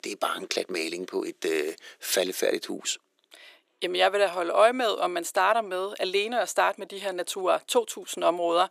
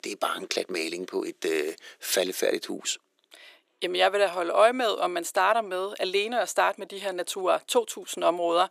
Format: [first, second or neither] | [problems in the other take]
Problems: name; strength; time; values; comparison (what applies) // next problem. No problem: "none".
neither | thin; very; fading below 350 Hz; the same in both